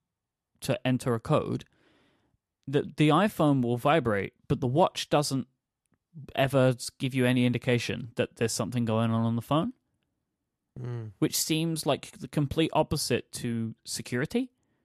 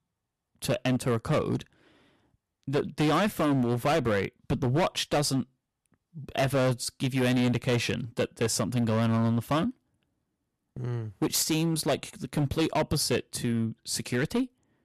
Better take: first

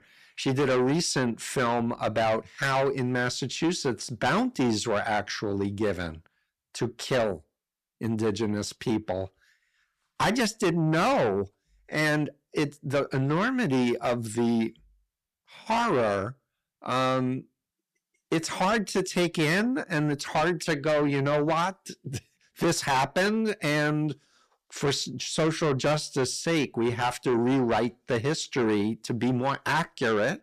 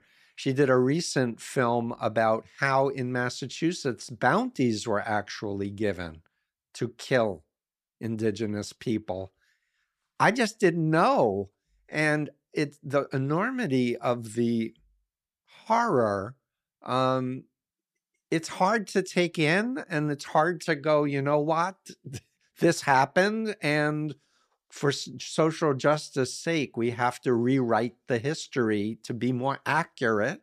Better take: second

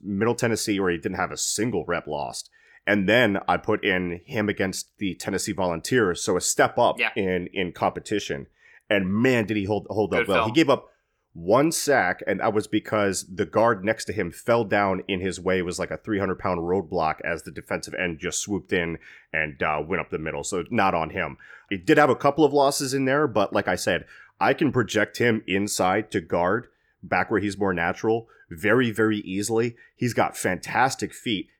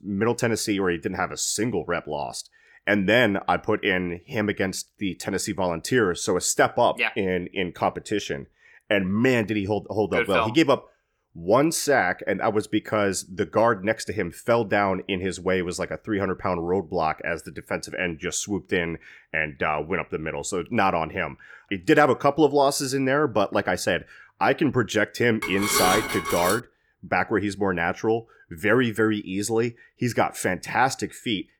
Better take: first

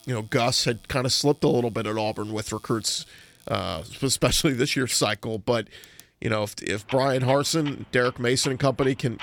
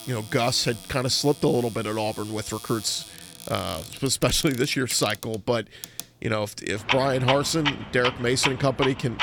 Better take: first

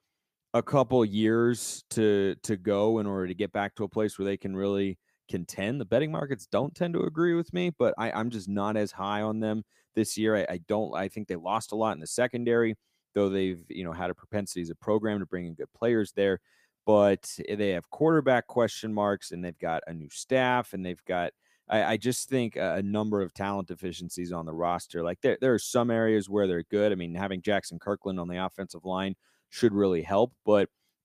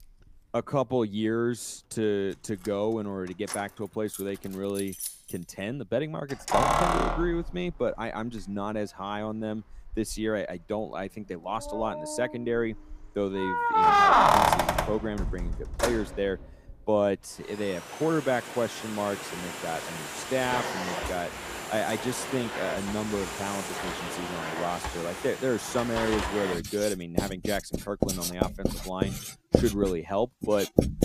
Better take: first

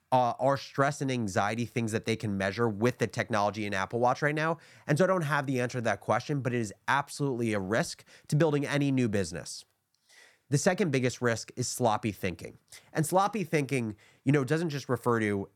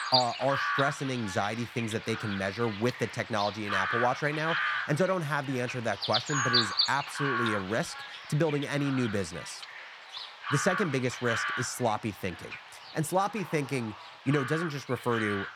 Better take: first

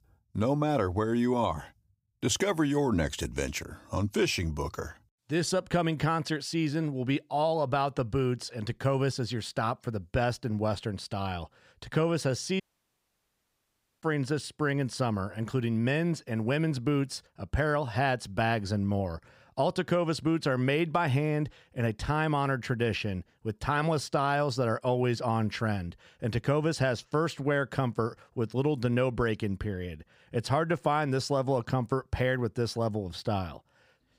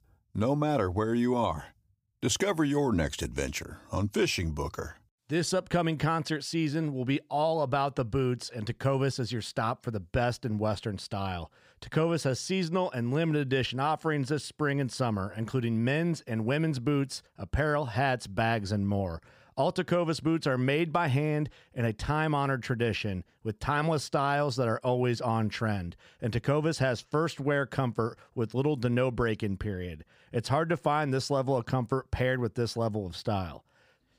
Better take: second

